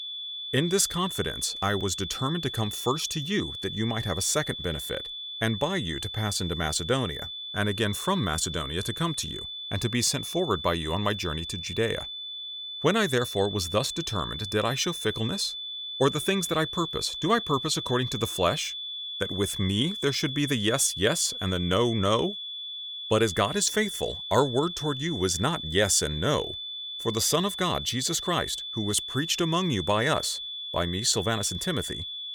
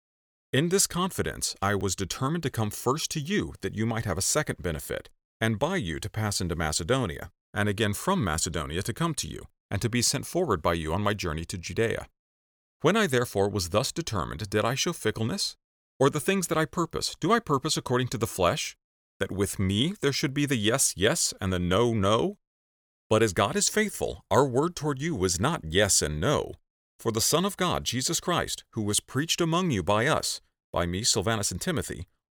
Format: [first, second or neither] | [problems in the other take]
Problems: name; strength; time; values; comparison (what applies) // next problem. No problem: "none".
second | high-pitched whine; loud; throughout; 3.5 kHz, 6 dB below the speech